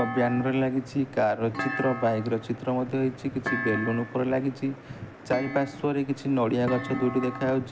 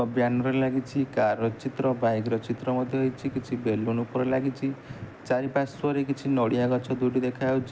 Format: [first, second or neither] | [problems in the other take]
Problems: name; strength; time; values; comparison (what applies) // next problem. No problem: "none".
second | background sound (Thump, thud); 10 dB below the speech